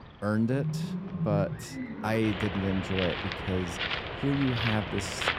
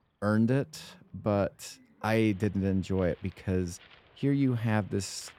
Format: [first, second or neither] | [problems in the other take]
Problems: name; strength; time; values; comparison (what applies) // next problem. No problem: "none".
second | animal sounds; loud; throughout; 3 dB below the speech; faint in the second